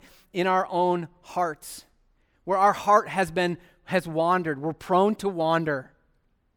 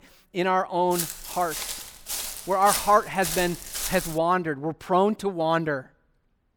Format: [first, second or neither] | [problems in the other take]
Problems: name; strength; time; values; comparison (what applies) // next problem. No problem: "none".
first | footsteps; noticeable; from 1 to 4 s; peak 2 dB below the speech